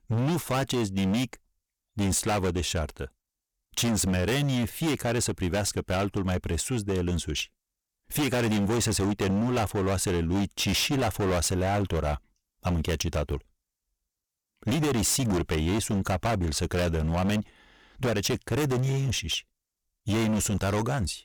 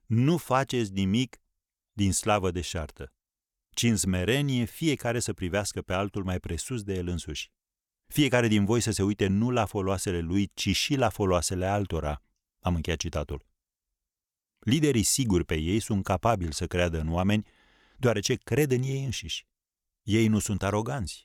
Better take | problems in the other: second | distortion; heavy; 23% of the sound clipped

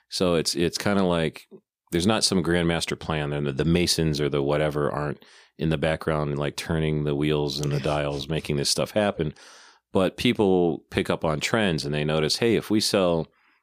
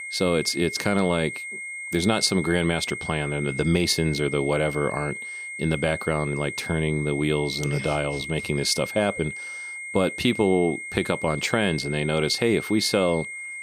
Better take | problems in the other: first | high-pitched whine; loud; throughout; 2 kHz, 8 dB below the speech

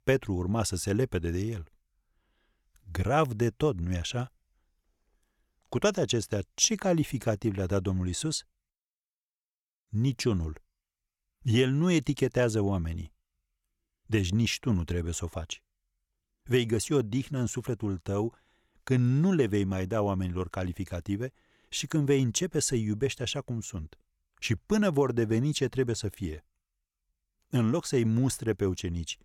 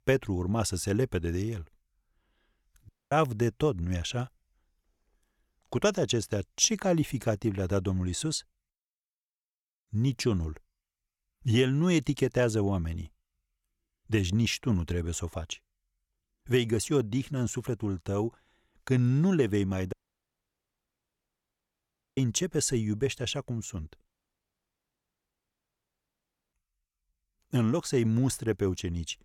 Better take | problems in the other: first | audio cutting out; at 3 s, at 20 s for 2 s and at 24 s for 2.5 s

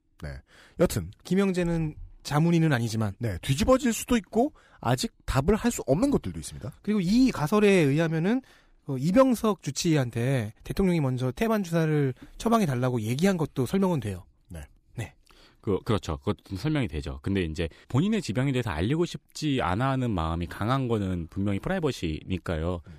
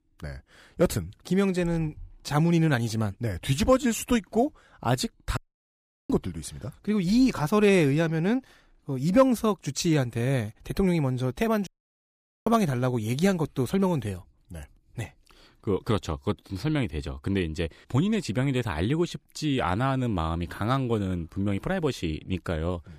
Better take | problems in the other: first | audio cutting out; at 5.5 s for 0.5 s and at 12 s for 1 s

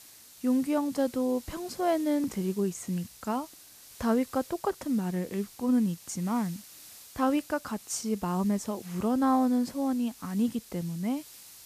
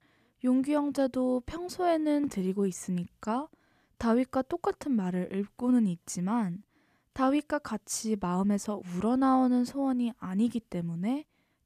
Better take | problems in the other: second | hiss; noticeable; throughout; 20 dB below the speech

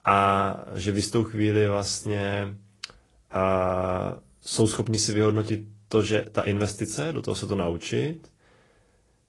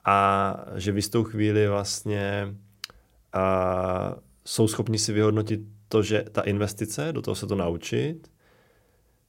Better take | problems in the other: second | garbled, watery; slightly; nothing above 10.5 kHz

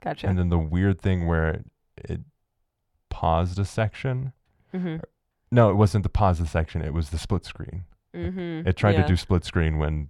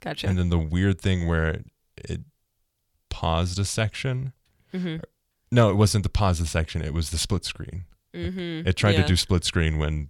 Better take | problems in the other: second | muffled; slightly; fading above 2.5 kHz

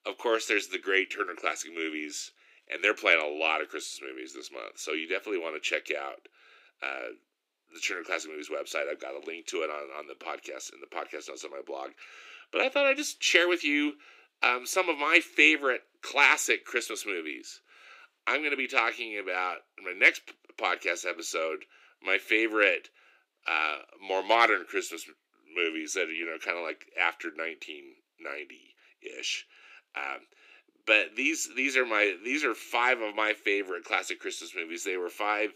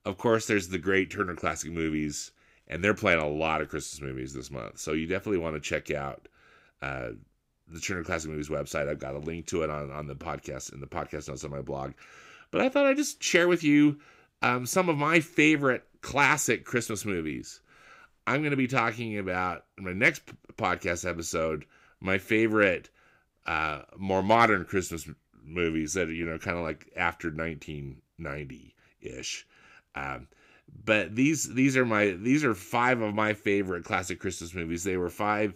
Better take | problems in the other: second | thin; somewhat; fading below 350 Hz

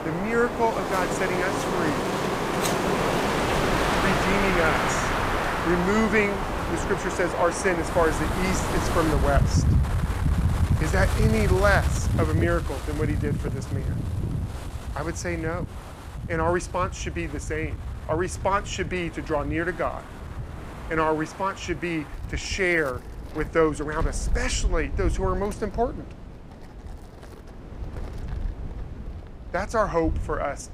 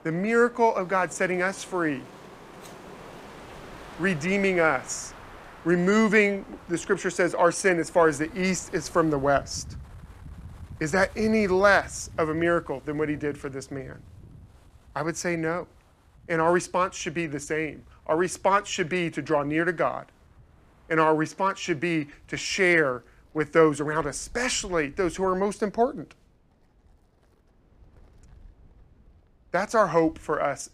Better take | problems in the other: second | wind in the background; loud; throughout; 1 dB below the speech; faint in the second

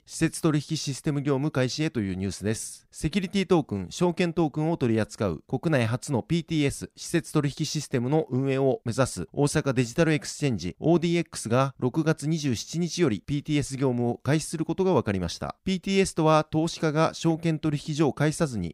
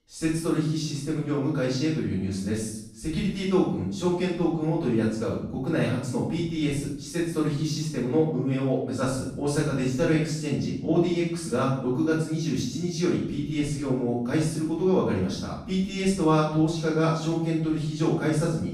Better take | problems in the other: first | off-mic speech; far // room echo; noticeable; dies away in 0.7 s

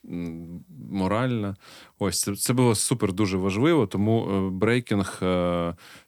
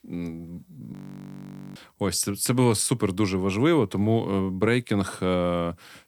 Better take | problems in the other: first | audio freezing; at 1 s for 1 s

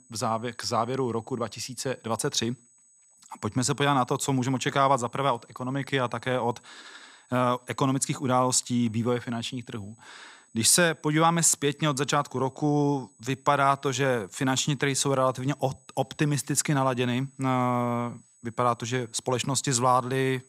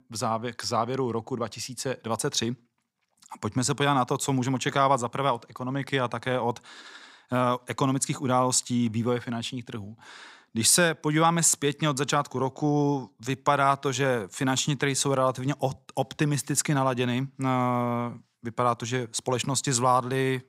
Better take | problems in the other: second | high-pitched whine; faint; throughout; 8 kHz, 30 dB below the speech

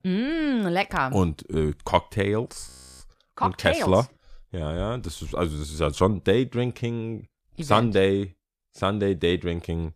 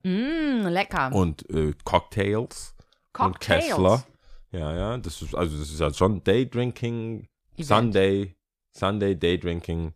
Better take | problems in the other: second | audio freezing; at 2.5 s

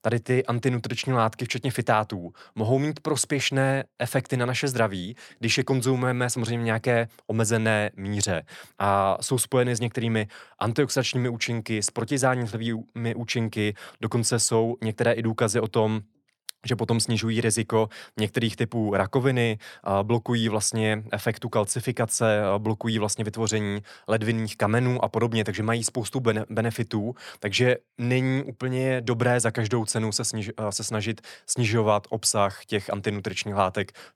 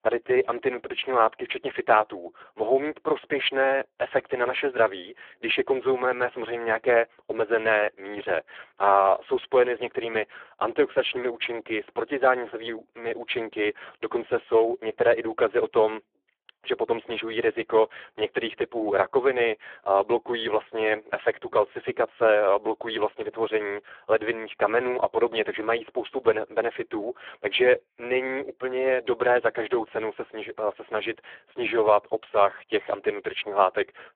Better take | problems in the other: first | phone-call audio; poor line

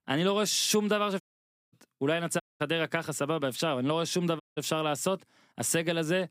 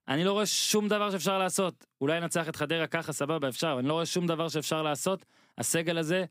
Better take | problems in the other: second | audio cutting out; at 1 s for 0.5 s, at 2.5 s and at 4.5 s

